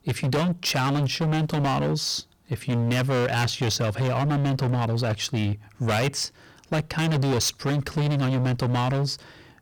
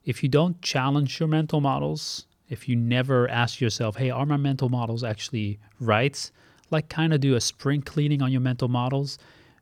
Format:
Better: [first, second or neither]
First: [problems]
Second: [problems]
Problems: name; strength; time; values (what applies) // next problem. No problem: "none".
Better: second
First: distortion; heavy; 29% of the sound clipped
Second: none